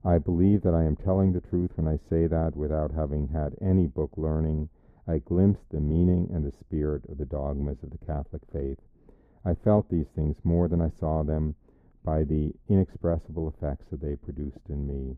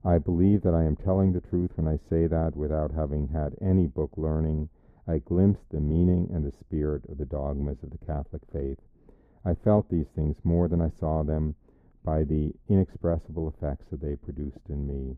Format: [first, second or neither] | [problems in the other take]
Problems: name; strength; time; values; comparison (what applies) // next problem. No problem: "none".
neither | muffled; very; fading above 1 kHz; the same in both